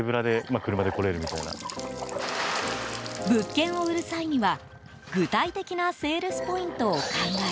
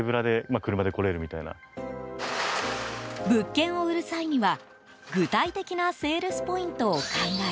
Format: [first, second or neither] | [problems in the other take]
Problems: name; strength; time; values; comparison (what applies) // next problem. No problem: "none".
second | background sound (Trickle, dribble / Bathtub (filling or washing) / Sink (filling or washing) / Gurgling); 12 dB below the speech